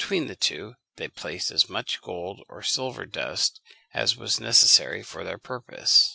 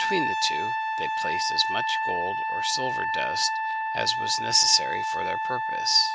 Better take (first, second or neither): first